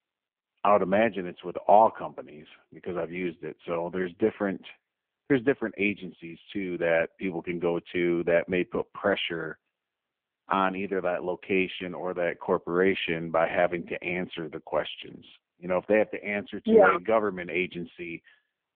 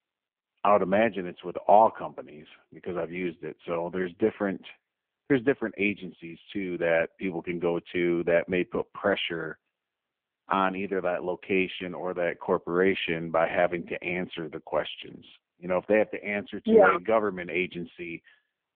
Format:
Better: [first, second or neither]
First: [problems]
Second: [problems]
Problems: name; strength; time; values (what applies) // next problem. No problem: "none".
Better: neither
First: phone-call audio; poor line; nothing above 3.5 kHz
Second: phone-call audio; poor line; nothing above 3.5 kHz